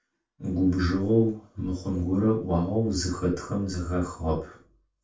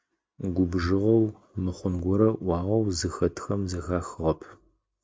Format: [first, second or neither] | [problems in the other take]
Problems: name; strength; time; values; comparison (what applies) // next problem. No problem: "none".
second | room echo; dies away in 0.3 s